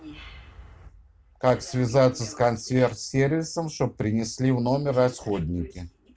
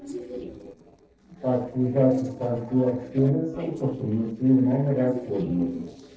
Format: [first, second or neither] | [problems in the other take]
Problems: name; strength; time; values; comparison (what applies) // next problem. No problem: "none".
first | noise reduction (neural separator model SepFormer DNS4)